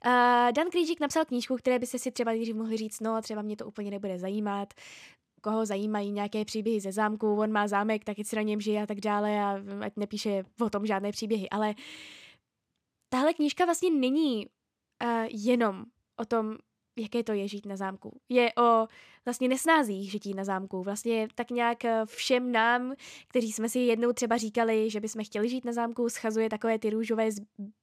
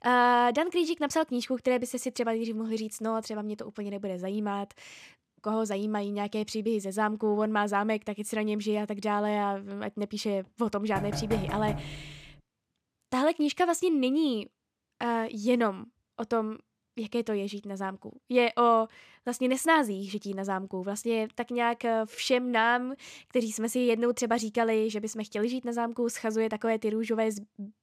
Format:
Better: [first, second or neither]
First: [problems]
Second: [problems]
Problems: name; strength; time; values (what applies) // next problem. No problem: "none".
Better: first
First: none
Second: door banging; noticeable; from 11 to 12 s; peak 5 dB below the speech